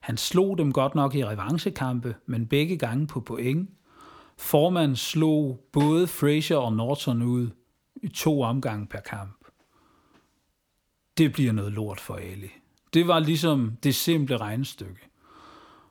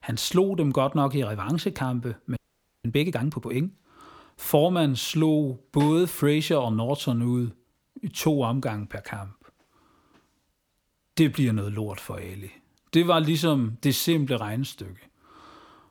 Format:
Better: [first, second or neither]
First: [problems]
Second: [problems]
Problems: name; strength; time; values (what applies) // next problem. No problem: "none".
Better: first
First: none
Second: audio freezing; at 2.5 s